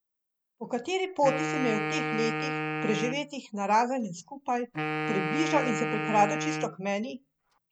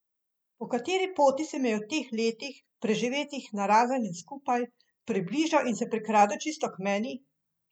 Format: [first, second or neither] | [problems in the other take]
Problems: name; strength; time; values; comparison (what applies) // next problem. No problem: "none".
second | background sound (Wind instrument, woodwind instrument); 3 dB below the speech